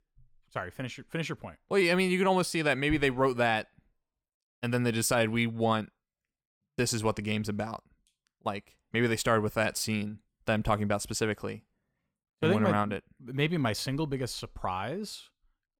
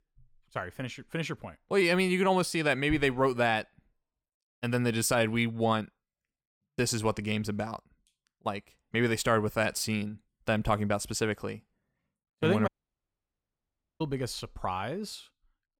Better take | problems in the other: first | audio cutting out; at 13 s for 1.5 s

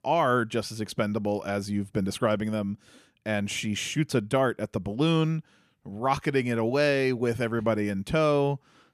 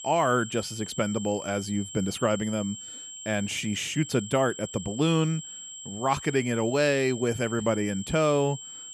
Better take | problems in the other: first | high-pitched whine; noticeable; throughout; 7.5 kHz, 10 dB below the speech

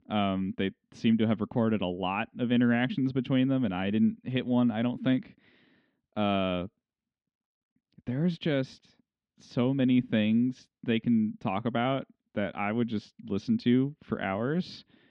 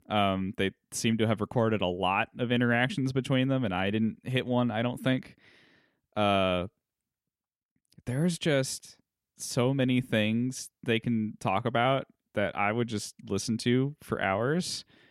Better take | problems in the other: second | muffled; slightly; fading above 4 kHz

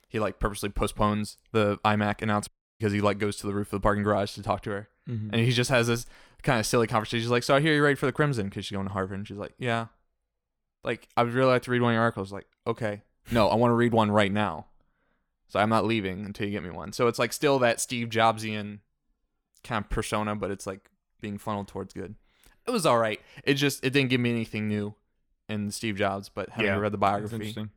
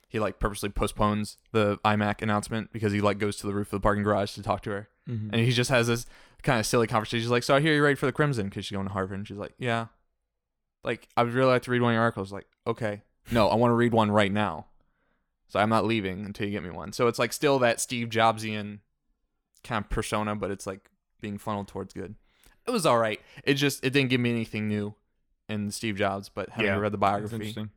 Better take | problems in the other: second | audio cutting out; at 2.5 s

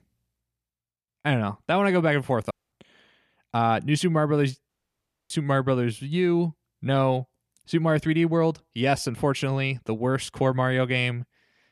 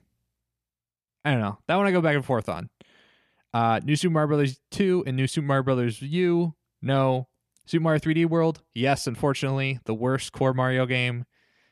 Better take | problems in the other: second | audio cutting out; at 2.5 s and at 4.5 s for 0.5 s

